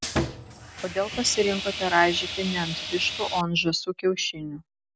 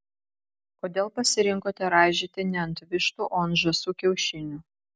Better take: second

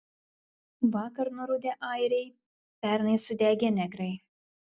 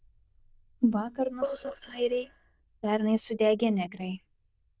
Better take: first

